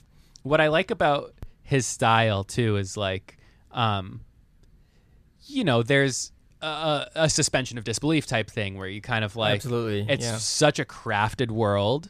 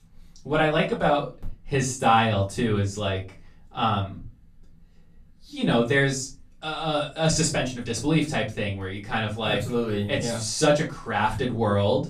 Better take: first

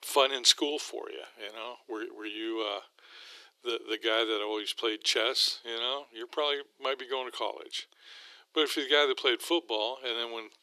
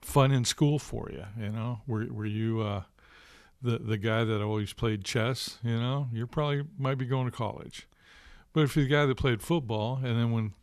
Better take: second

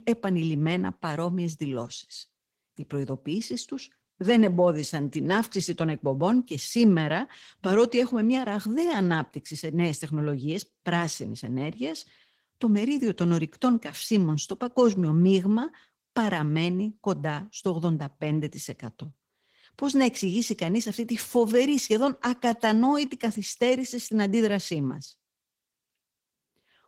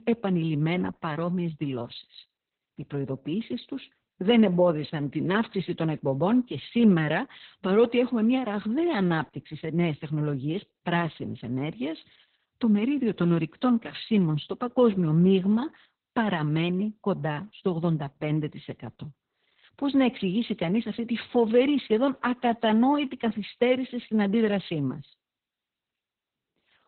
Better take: first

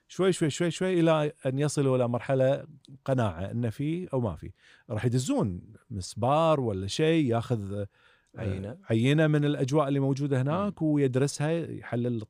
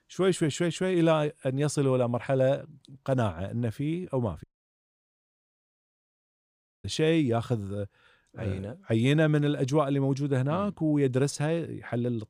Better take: first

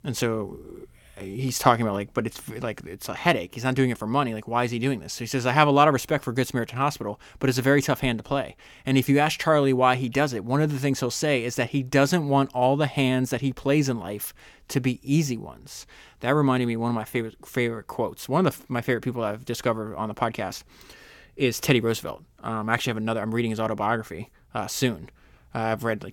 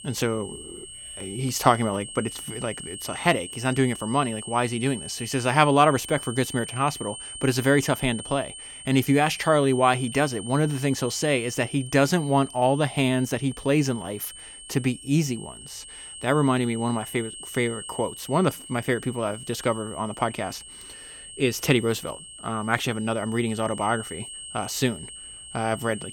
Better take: first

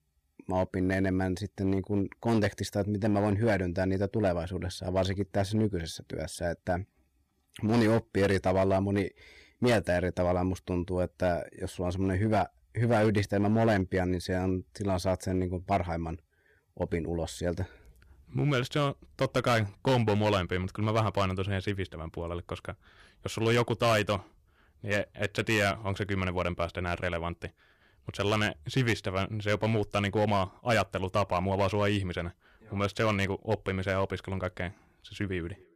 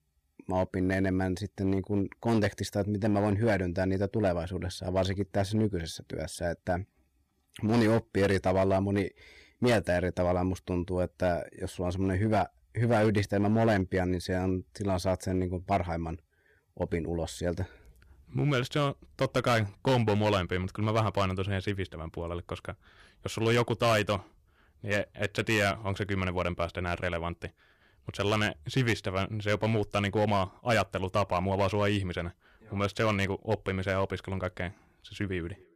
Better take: neither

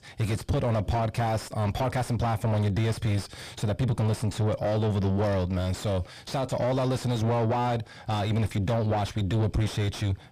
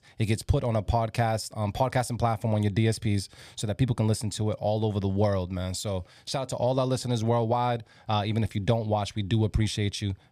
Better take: second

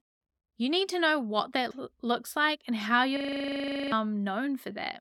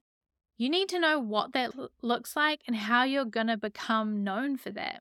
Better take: second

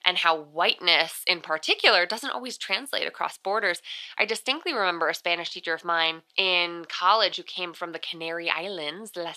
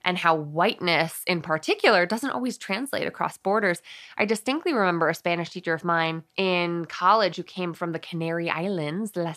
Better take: second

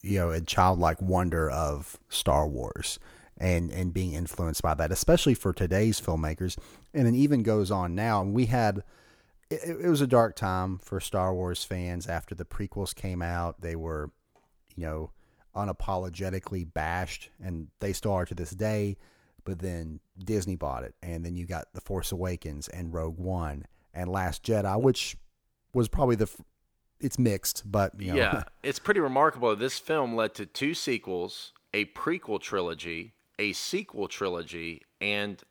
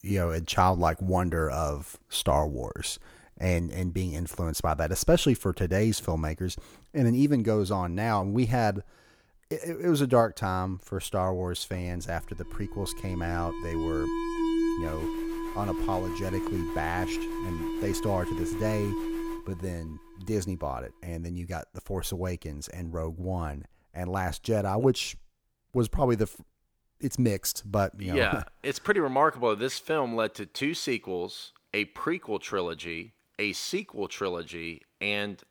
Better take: first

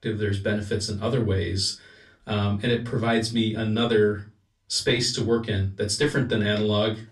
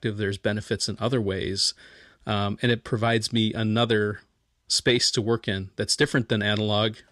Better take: second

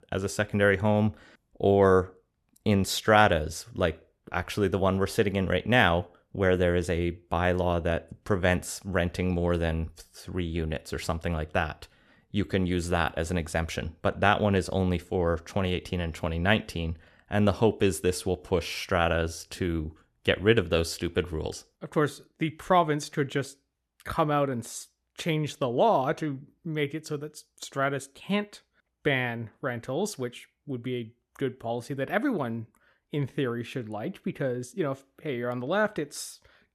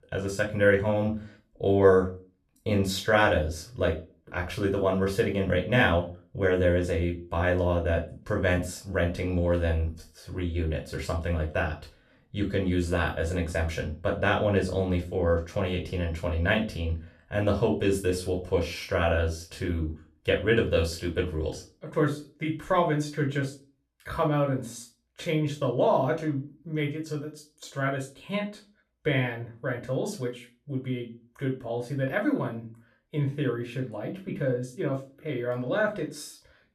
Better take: first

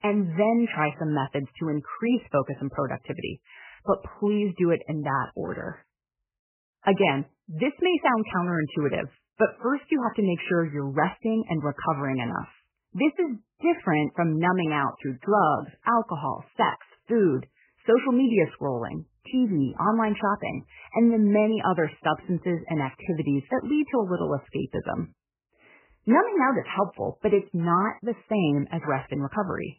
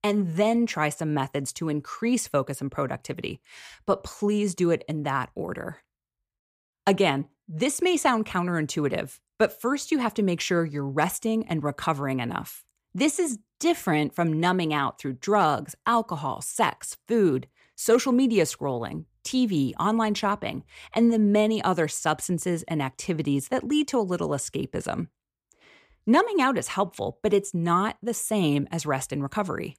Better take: second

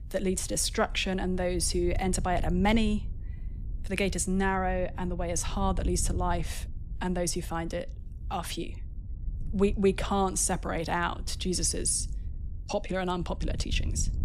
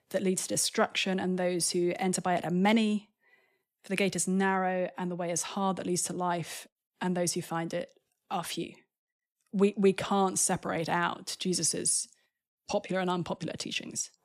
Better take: second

